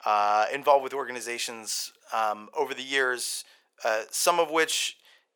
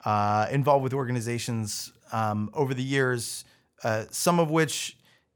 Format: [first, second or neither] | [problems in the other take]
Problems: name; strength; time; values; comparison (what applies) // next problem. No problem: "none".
second | thin; very; fading below 450 Hz